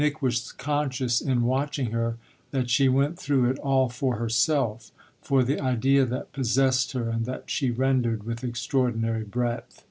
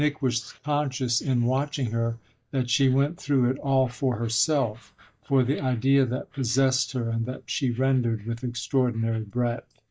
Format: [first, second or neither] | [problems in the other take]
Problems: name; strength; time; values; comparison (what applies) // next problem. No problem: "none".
first | noise reduction (neural mask model DeepFilterNet 3)